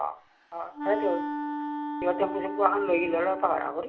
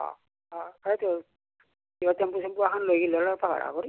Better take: second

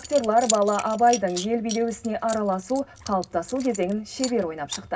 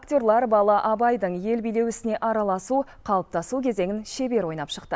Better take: second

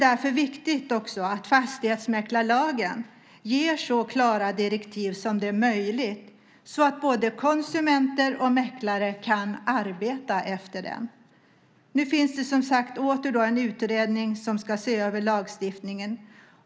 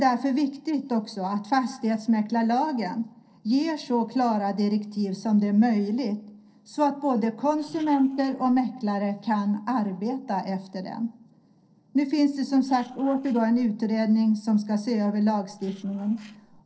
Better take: first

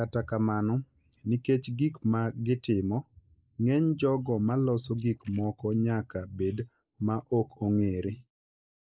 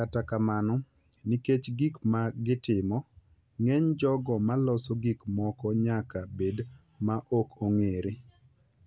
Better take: second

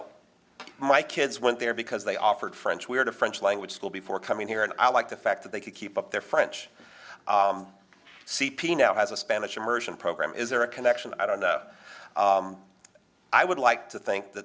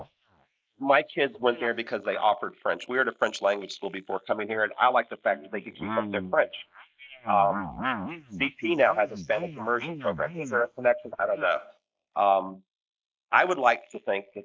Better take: first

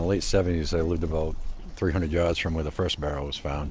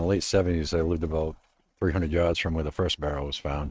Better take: first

